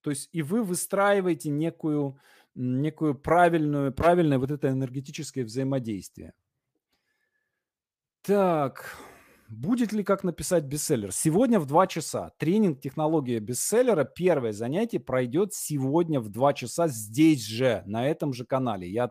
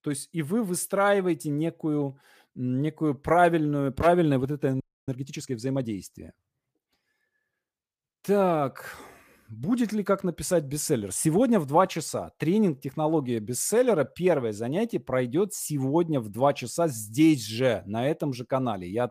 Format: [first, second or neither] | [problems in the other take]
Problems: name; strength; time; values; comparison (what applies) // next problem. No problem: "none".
first | audio freezing; at 5 s